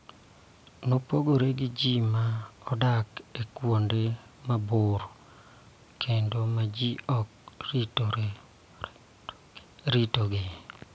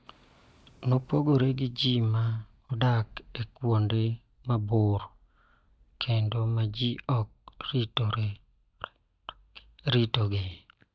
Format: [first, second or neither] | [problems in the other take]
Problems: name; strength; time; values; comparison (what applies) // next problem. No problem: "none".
first | noise reduction (neural mask model DeepFilterNet 3)